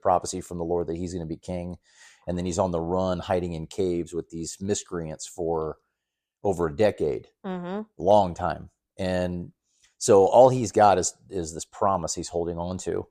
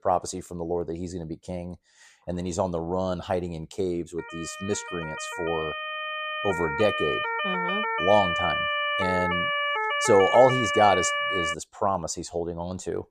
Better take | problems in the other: first | siren; loud; from 4 to 12 s; peak 3 dB above the speech

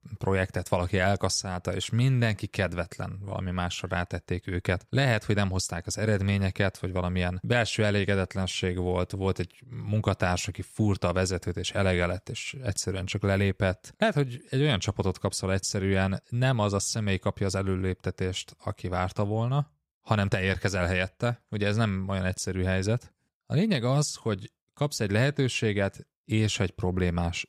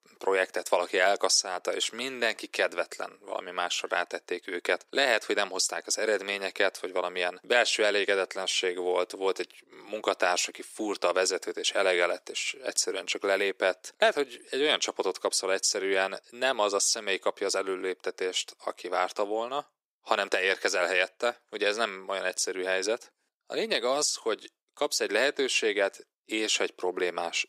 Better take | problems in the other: first | thin; very; fading below 350 Hz

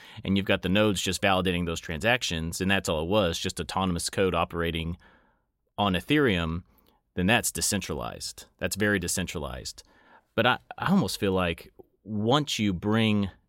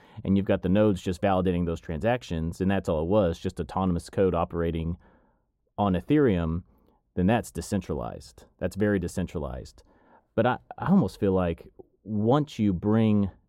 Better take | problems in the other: first | muffled; slightly; fading above 1.5 kHz

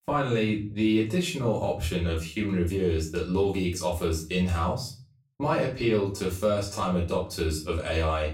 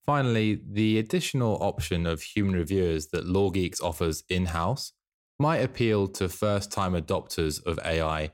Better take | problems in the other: second | off-mic speech; far // room echo; slight; dies away in 0.3 s

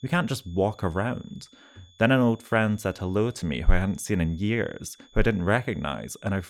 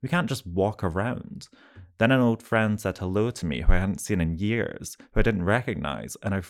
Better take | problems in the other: second | high-pitched whine; faint; throughout; 3.5 kHz, 30 dB below the speech

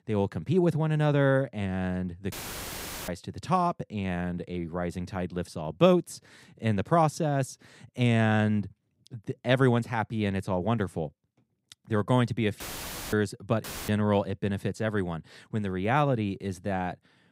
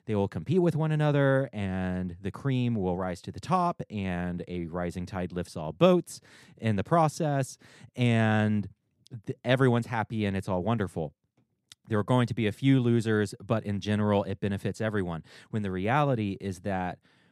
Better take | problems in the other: second | audio cutting out; filled with static; at 2.5 s for 1 s, at 13 s for 0.5 s and at 14 s

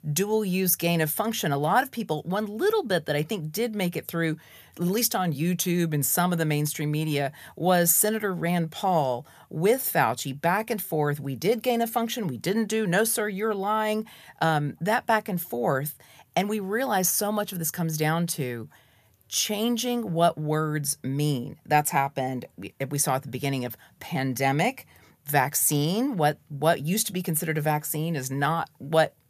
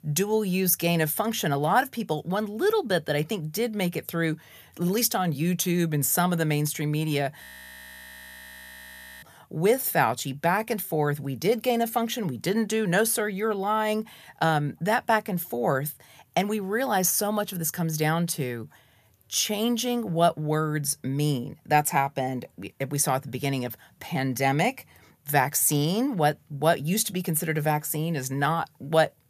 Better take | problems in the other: first | audio freezing; at 7.5 s for 2 s

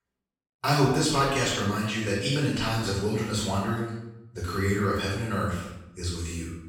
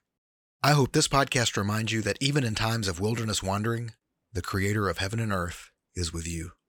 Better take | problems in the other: second | off-mic speech; far // room echo; noticeable; dies away in 0.8 s

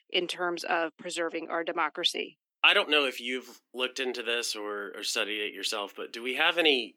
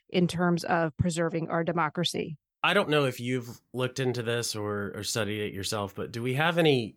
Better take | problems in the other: second | thin; somewhat; fading below 250 Hz

